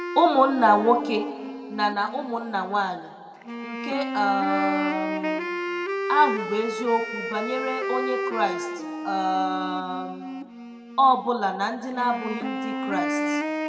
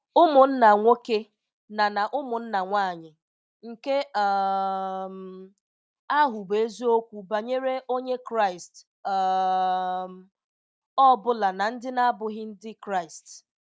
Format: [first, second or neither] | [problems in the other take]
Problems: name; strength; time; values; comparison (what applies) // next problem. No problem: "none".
second | background sound (Wind instrument, woodwind instrument); 5 dB below the speech // room echo; dies away in 1.5 s